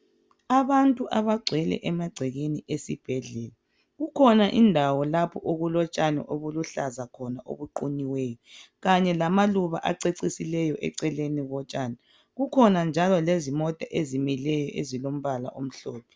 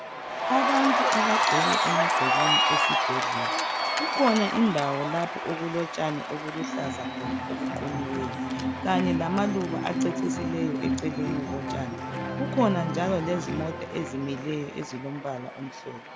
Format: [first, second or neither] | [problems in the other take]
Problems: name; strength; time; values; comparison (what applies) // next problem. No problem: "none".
first | background sound (Cheering); 2 dB above the speech